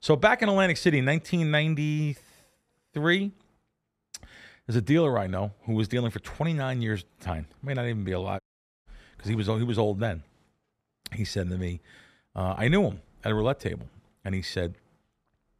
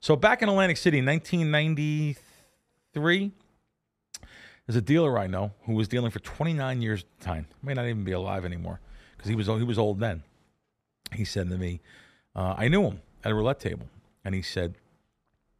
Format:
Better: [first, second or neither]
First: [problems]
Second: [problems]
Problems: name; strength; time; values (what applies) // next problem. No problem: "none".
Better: second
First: audio cutting out; at 8.5 s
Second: none